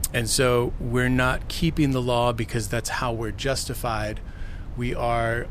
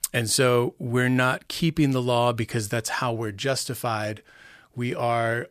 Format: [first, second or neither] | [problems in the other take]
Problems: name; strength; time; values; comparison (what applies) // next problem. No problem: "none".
second | wind noise on the microphone; occasional gusts; 25 dB below the speech